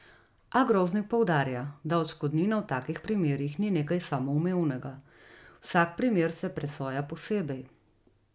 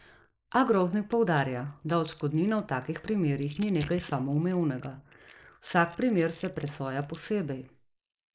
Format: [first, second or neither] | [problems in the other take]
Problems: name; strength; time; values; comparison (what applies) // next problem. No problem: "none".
first | noise reduction (neural mask model Resemble Enhance denoiser)